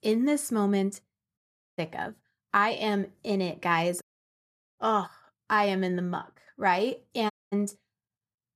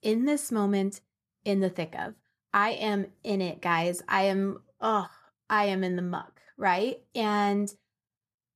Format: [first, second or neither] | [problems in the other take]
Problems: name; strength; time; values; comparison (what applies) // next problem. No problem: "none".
second | audio cutting out; at 1.5 s, at 4 s for 1 s and at 7.5 s